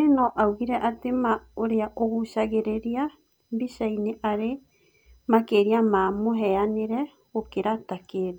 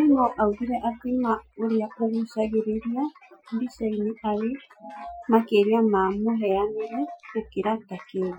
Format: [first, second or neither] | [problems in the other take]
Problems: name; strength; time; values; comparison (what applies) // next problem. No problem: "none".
first | noise reduction (classical method Wiener filter)